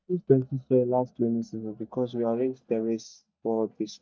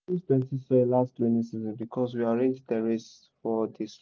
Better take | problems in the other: second | noise reduction (neural mask model DeepFilterNet 3)

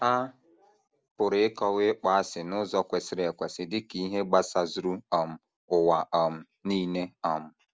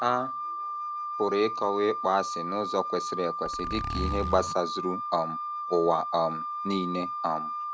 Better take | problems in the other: first | background sound (Zipper (clothing) + Wind instrument, woodwind instrument); 4 dB below the speech

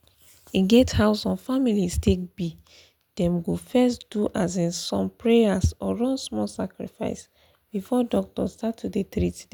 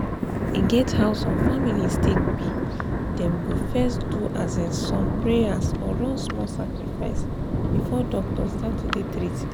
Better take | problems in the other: first | background sound (Thunder); 3 dB above the speech

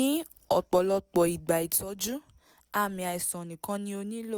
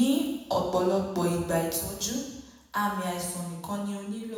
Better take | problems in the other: first | room echo; dies away in 1 s

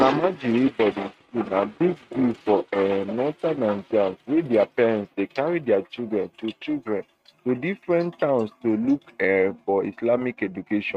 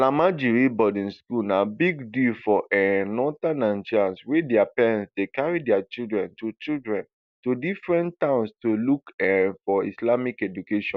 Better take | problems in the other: second | noise reduction (neural mask model RNNoise)

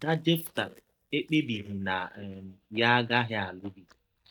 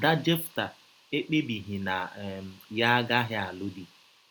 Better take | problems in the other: second | noise reduction (neural mask model DeepFilterNet 3)

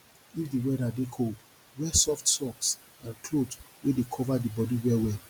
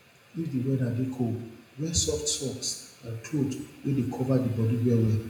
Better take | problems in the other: first | room echo; dies away in 0.7 s

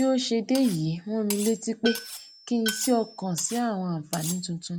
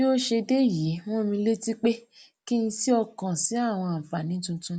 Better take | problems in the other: second | background sound (Cutlery, silverware + Tools); 11 dB below the speech

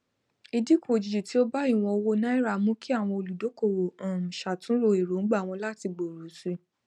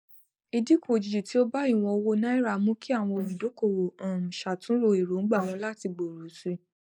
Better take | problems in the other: first | noise reduction (neural mask model Resemble Enhance denoiser)

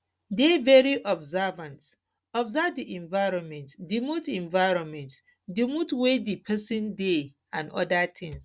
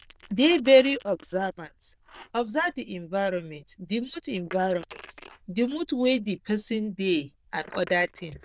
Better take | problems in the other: first | noise reduction (neural diffusion model UNIVERSE++)

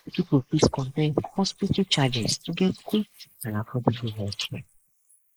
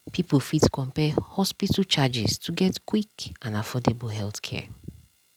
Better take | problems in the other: second | noise reduction (neural mask model Resemble Enhance denoiser)

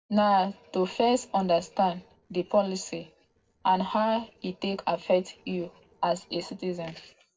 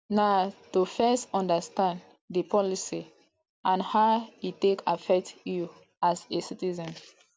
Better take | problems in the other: second | noise reduction (neural separator model SepFormer DNS4)

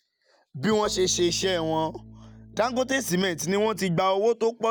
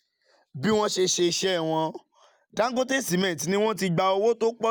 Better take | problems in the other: second | background sound (Organ); 19 dB below the speech

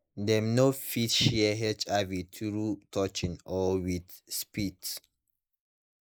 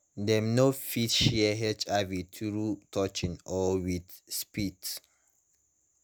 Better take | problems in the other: second | noise reduction (neural mask model Resemble Enhance denoiser)

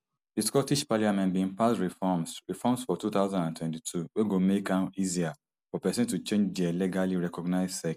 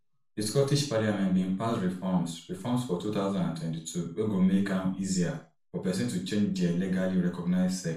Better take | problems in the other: first | room echo; dies away in 0.3 s

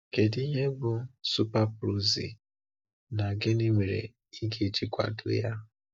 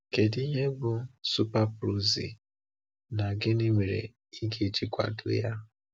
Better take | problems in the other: second | noise reduction (neural mask model DeepFilterNet 3)

